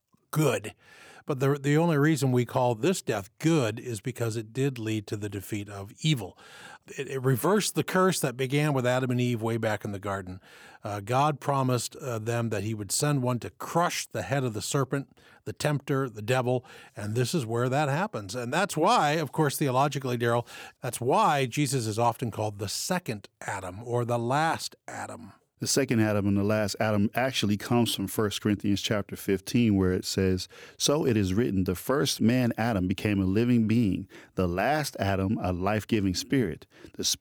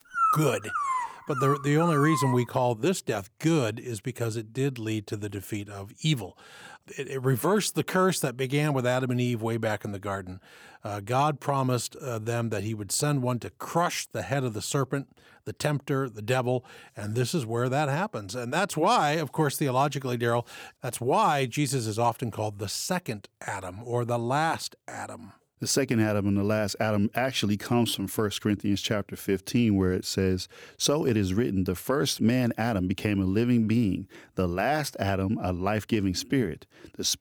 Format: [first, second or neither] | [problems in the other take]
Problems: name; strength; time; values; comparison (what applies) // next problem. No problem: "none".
first | dog barking; loud; until 2.5 s; peak 2 dB above the speech